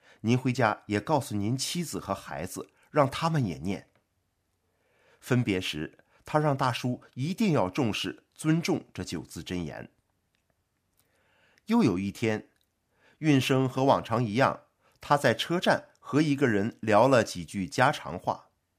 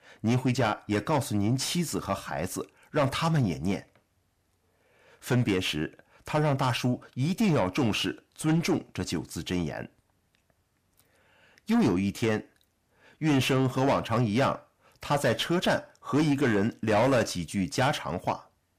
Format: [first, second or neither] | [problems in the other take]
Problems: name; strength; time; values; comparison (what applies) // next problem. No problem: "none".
first | distortion; heavy; 8 dB below the speech